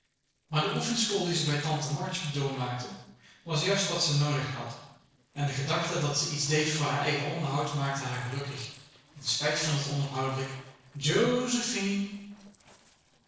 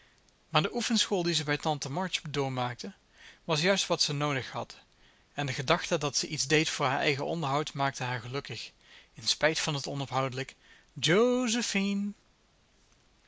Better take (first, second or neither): second